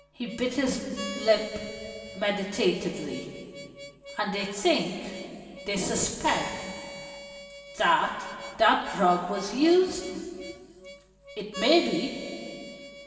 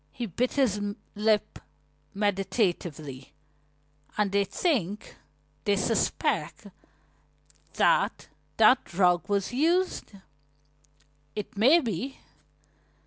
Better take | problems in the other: second | background sound (Harmonica); 14 dB below the speech // room echo; dies away in 2.4 s

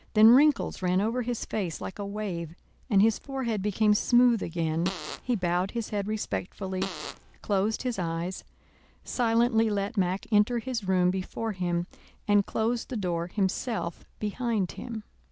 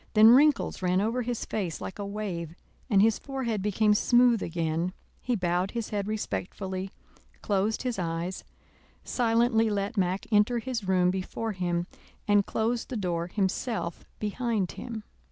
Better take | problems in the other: second | background sound (Fart); 11 dB below the speech

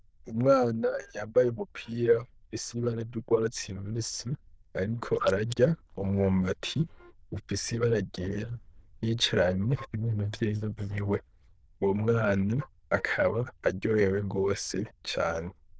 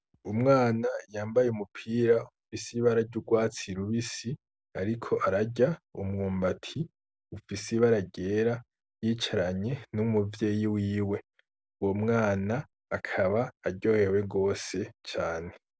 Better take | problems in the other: second | noise reduction (neural diffusion model UNIVERSE++)

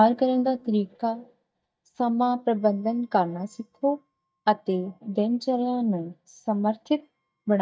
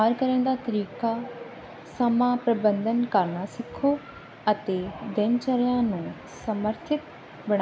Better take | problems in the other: second | noise reduction (neural mask model DeepFilterNet 3)

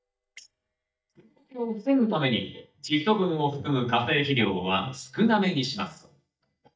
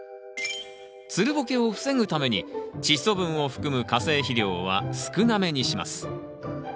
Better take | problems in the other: second | noise reduction (neural mask model DeepFilterNet 3)

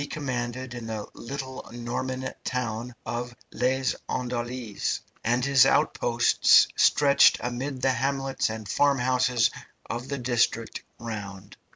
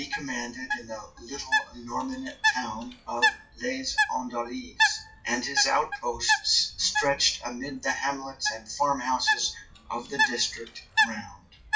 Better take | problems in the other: first | noise reduction (classical method WPE with log-MMSE)

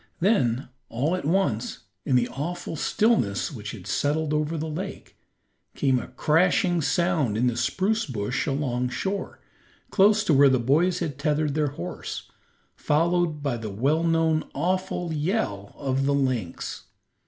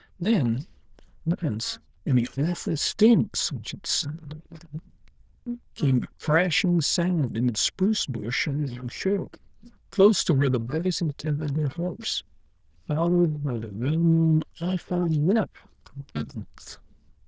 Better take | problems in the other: first | noise reduction (neural diffusion model UNIVERSE++)

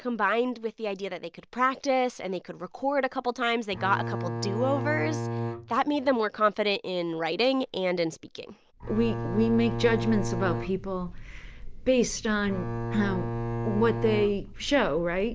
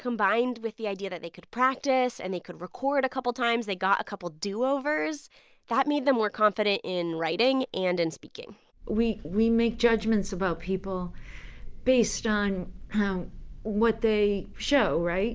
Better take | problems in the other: second | background sound (Bowed string instrument); 5 dB below the speech

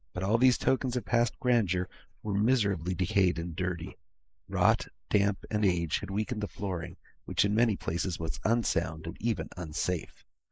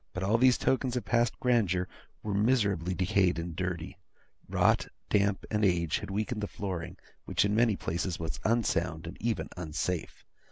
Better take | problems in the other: second | noise reduction (neural mask model Resemble Enhance denoiser)

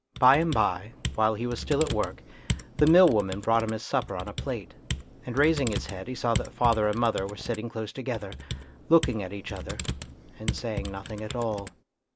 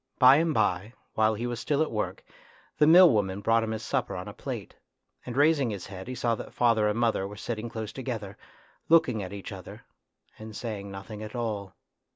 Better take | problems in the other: second | background sound (Computer keyboard); 9 dB below the speech

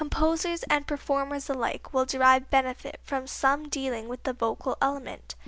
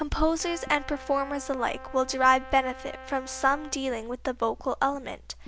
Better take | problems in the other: first | background sound (Brass instrument); 17 dB below the speech

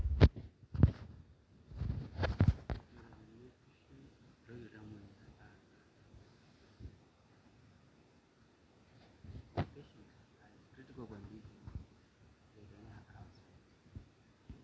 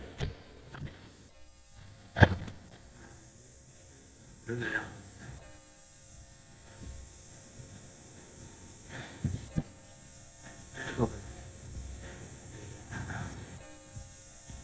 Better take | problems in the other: first | noise reduction (neural mask model DeepFilterNet 3)

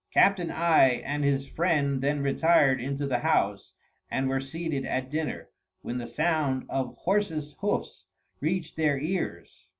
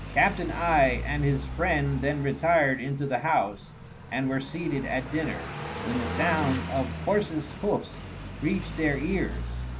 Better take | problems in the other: first | background sound (Car passing by); 8 dB below the speech

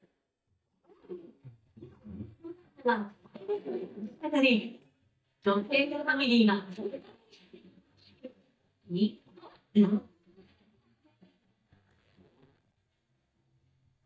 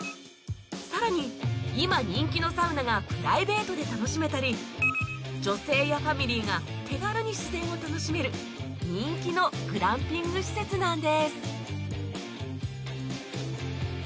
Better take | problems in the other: second | noise reduction (neural mask model DeepFilterNet 3)

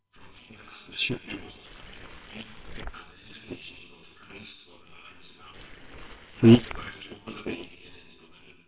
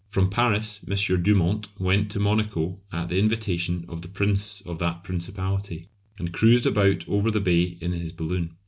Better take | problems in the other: second | noise reduction (neural separator model SepFormer WHAMR!)

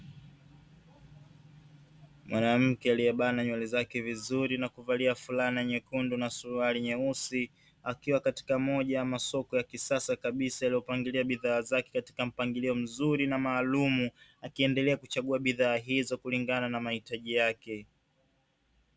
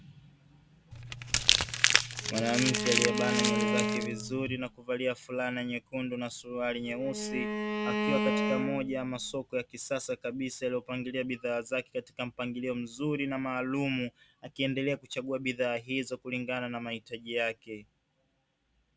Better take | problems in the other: first | background sound (Bowed string instrument + Crumpling, crinkling); 4 dB above the speech

